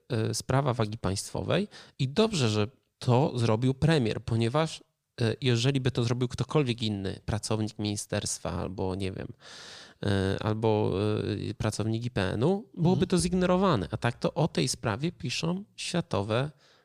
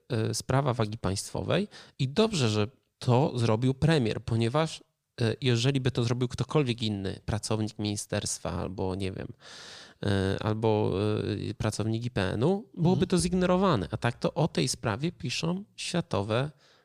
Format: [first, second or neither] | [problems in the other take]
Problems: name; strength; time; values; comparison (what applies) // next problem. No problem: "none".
neither | none